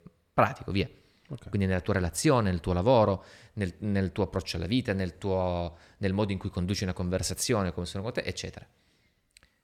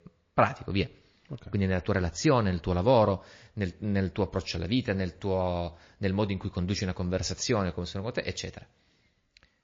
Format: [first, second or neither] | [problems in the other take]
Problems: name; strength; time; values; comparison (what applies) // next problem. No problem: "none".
first | garbled, watery; slightly; nothing above 6.5 kHz